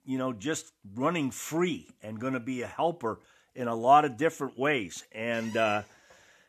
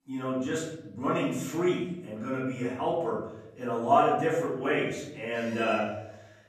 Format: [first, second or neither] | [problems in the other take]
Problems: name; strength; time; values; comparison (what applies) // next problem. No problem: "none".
first | room echo; noticeable; dies away in 0.9 s // off-mic speech; far